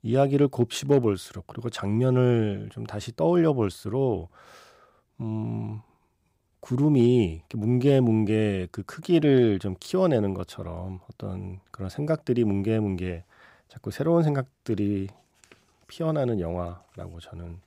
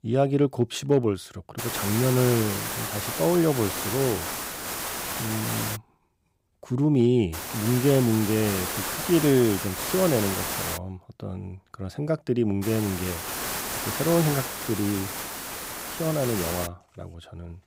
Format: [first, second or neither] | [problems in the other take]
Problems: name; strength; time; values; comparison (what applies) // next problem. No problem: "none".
first | hiss; loud; from 1.5 to 6 s, from 7.5 to 11 s and from 13 to 17 s; 5 dB below the speech